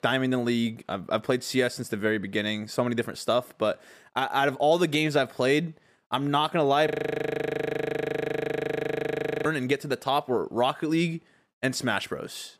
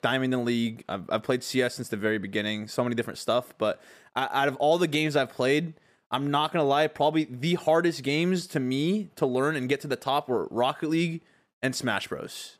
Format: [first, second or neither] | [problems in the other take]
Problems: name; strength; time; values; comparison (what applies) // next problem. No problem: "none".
second | audio freezing; at 7 s for 2.5 s